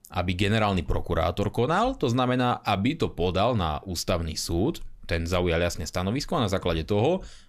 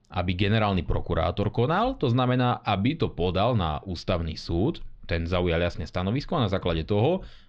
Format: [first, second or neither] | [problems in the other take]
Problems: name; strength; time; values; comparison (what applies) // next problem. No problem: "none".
first | muffled; very slightly; fading above 4 kHz